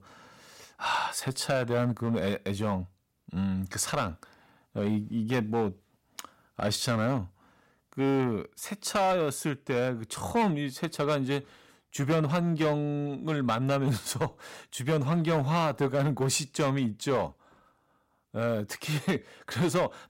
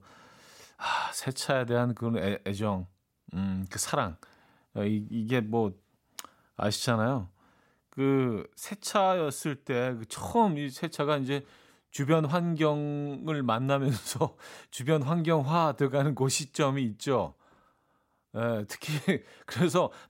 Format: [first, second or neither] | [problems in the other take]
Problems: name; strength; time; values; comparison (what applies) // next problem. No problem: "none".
second | distortion; slight; 5% of the sound clipped